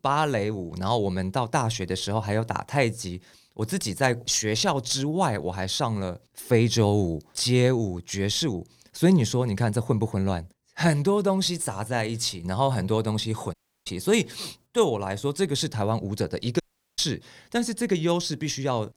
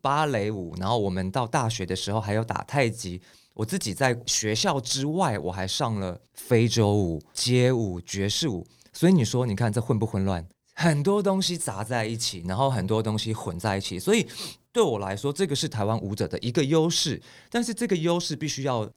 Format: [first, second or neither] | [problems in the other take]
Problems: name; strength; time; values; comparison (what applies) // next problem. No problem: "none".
second | audio cutting out; at 14 s and at 17 s